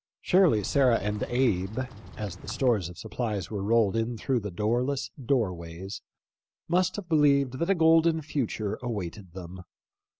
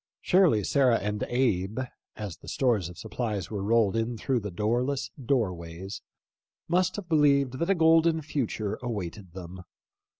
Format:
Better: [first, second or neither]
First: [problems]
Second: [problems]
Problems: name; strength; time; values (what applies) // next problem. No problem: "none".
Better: second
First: background sound (Bird vocalization, bird call, bird song); 14 dB below the speech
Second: none